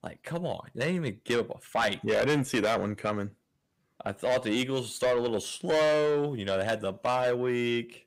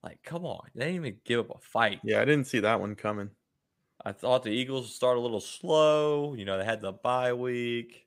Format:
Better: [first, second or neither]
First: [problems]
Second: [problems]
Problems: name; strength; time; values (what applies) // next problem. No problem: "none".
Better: second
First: distortion; heavy; 8 dB below the speech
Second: none